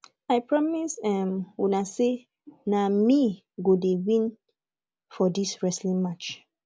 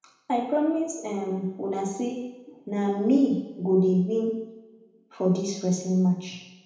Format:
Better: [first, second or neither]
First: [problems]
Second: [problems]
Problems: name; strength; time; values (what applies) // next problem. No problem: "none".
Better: first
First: none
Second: room echo; dies away in 0.8 s